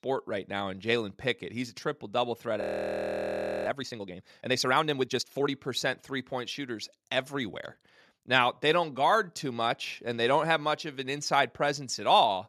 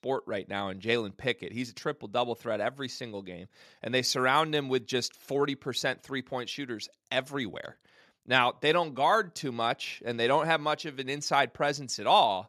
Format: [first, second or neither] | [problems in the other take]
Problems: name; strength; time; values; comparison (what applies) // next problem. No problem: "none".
second | audio freezing; at 2.5 s for 1 s